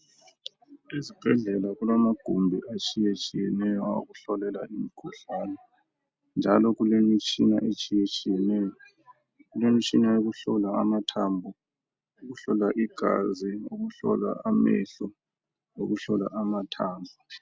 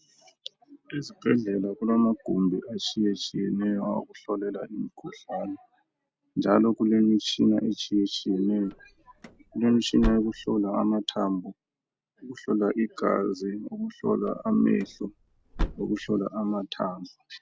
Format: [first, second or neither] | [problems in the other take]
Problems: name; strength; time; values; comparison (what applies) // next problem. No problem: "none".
first | background sound (Slam / Car); 9 dB below the speech